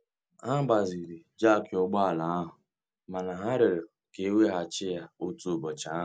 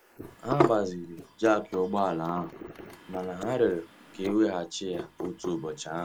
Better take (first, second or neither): first